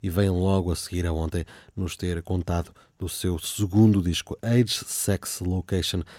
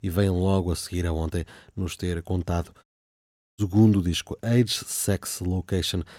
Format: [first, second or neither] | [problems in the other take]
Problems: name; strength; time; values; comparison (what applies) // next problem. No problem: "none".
first | audio cutting out; at 3 s for 0.5 s